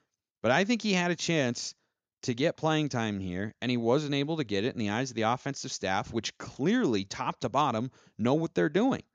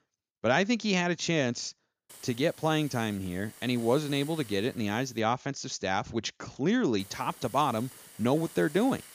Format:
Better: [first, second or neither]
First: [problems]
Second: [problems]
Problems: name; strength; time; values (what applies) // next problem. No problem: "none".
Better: first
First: none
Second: hiss; noticeable; from 2 to 5 s and from 7 s on; 20 dB below the speech